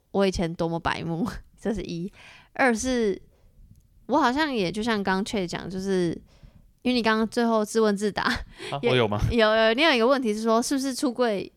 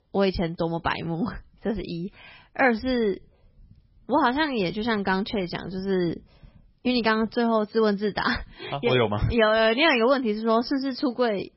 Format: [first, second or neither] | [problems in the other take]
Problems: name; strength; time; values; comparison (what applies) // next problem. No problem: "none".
first | garbled, watery; badly; nothing above 5.5 kHz